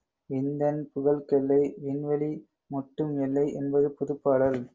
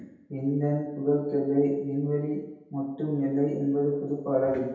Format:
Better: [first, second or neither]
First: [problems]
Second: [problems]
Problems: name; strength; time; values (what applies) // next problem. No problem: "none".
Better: first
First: none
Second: room echo; dies away in 0.8 s